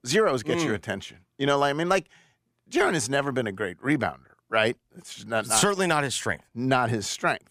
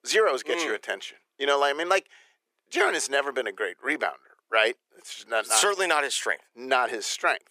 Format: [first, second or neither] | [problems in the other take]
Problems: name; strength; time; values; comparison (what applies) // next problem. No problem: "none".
first | thin; very; fading below 400 Hz